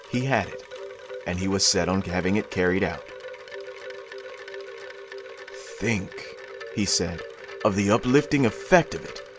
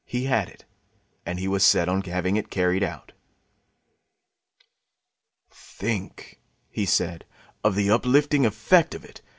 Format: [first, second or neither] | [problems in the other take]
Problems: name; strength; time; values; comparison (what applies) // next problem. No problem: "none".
second | background sound (Wind chime); 12 dB below the speech